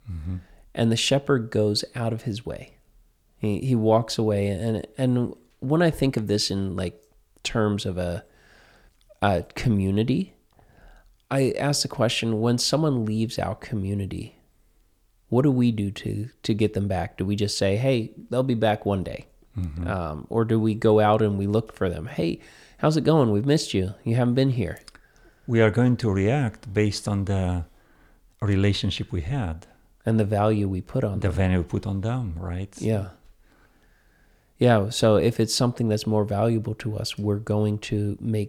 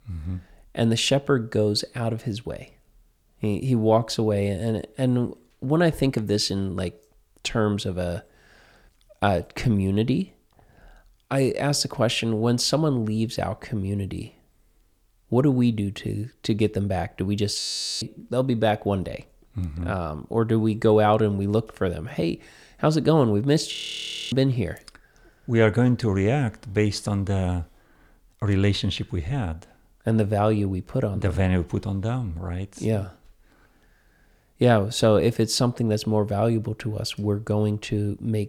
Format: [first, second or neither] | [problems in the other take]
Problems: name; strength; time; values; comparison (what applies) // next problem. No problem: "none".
first | audio freezing; at 18 s and at 24 s for 0.5 s